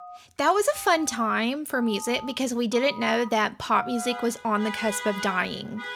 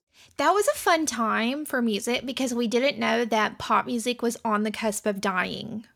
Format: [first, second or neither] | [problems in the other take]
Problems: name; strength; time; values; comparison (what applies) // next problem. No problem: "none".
second | alarms or sirens; noticeable; throughout; 15 dB below the speech